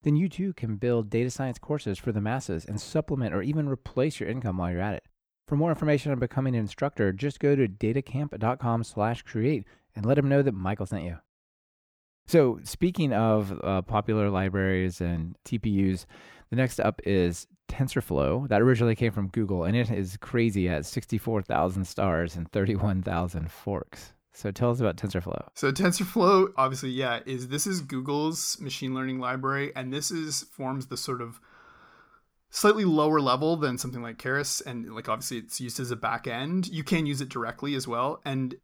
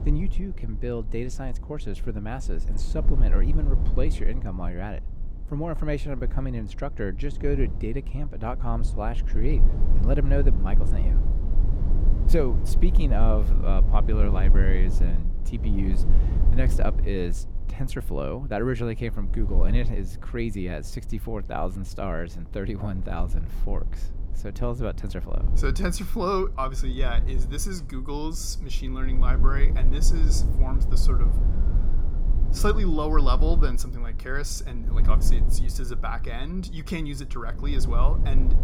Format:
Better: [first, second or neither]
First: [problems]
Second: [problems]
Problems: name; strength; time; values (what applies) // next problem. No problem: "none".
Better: first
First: none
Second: low rumble; noticeable; throughout; 10 dB below the speech